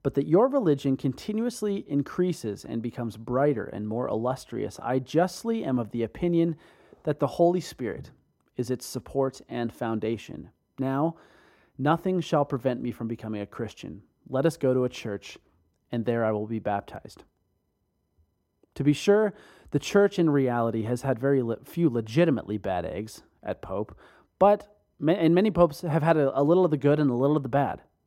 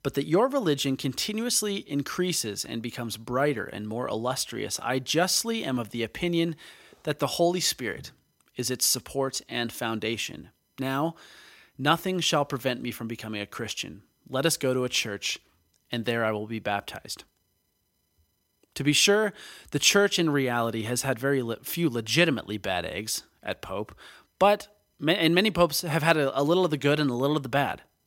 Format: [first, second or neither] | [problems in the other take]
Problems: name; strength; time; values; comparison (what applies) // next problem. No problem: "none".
second | muffled; very; fading above 1.5 kHz